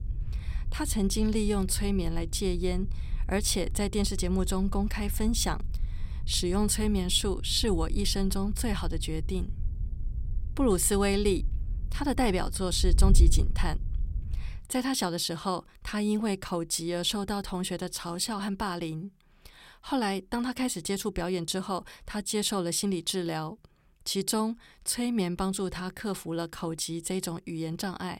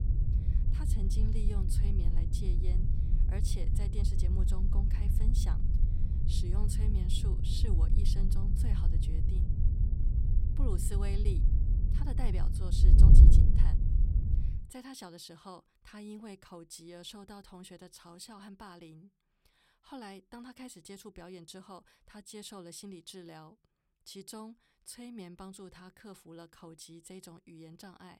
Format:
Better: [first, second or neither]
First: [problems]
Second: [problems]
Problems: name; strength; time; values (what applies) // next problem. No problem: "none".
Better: first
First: wind noise on the microphone; occasional gusts; until 15 s; 20 dB below the speech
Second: wind noise on the microphone; heavy; until 15 s; 1 dB above the speech